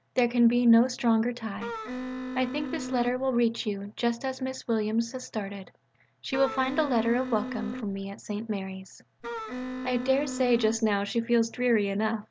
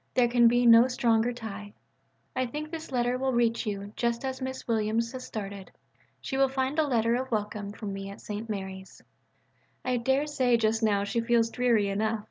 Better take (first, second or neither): second